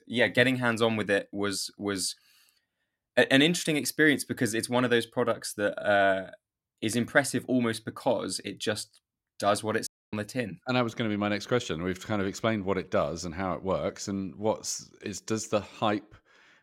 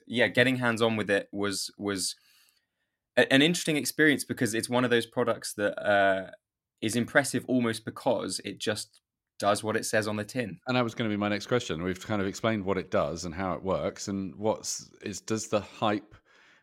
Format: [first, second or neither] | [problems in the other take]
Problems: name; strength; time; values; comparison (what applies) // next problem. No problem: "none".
second | audio cutting out; at 10 s